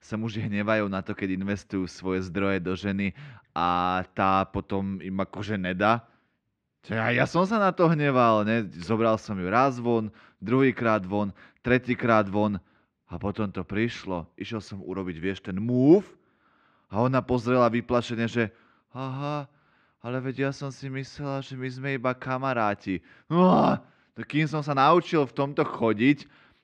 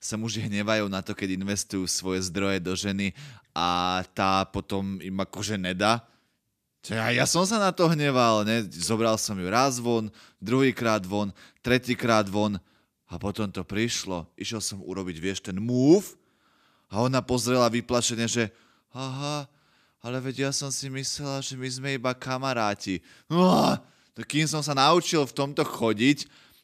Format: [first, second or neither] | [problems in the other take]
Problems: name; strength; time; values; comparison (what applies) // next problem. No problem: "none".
second | muffled; very; fading above 2 kHz